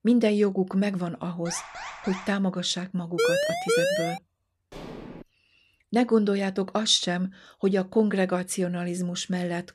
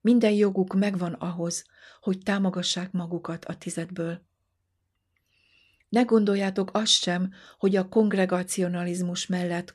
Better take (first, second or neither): second